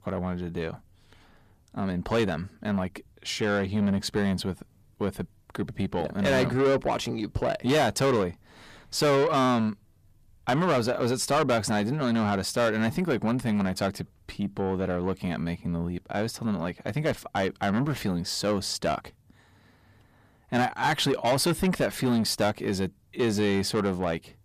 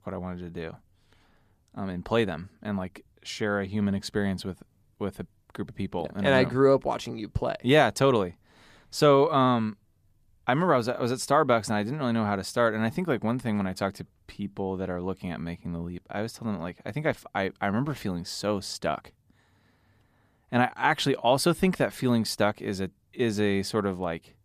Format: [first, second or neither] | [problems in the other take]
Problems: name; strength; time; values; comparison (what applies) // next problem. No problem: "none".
second | distortion; heavy; 8 dB below the speech